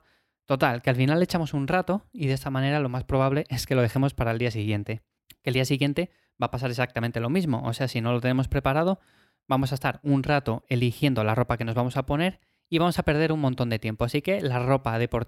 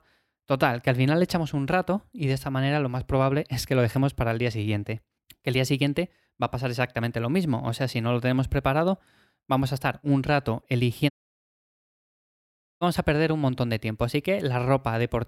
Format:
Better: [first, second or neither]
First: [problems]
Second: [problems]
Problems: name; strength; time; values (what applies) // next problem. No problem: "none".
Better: first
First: none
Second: audio cutting out; at 11 s for 1.5 s